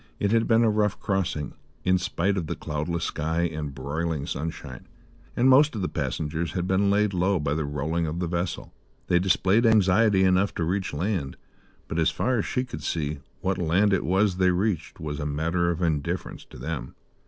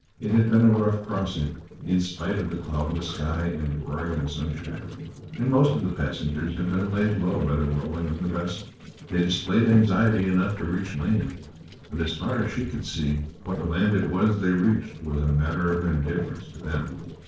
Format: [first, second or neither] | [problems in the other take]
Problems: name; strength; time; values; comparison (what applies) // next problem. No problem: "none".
first | noise reduction (neural separator model SepFormer DNS4)